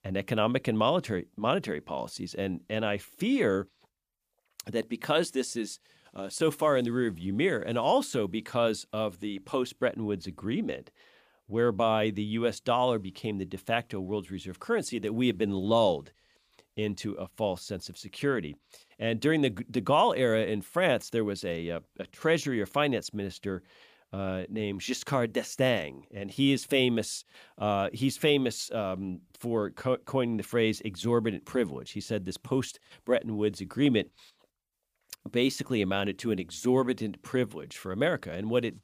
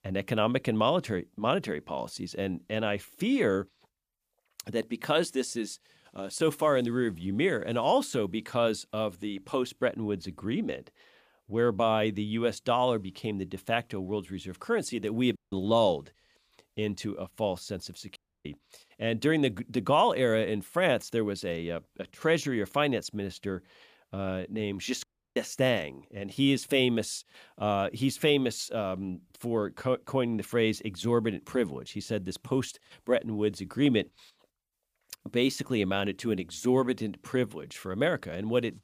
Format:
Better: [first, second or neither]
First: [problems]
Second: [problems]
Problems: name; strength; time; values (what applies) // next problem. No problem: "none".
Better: first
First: none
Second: audio cutting out; at 15 s, at 18 s and at 25 s